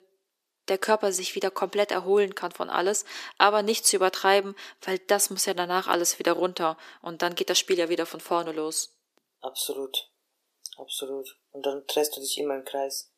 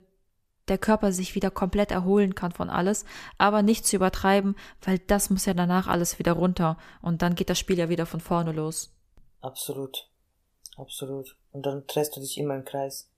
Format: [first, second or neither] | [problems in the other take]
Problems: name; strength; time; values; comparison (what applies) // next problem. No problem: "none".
second | thin; very; fading below 350 Hz